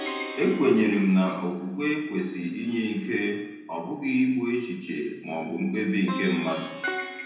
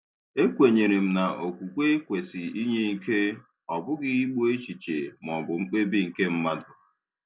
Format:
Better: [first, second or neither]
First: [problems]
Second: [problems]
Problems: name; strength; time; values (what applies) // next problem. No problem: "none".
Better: second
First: background sound (Plucked string instrument); 13 dB below the speech // room echo; dies away in 0.9 s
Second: none